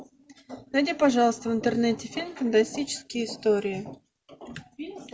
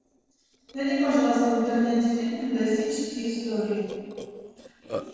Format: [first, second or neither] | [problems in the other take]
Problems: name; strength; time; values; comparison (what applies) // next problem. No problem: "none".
first | noise reduction (neural separator model SepFormer DNS4)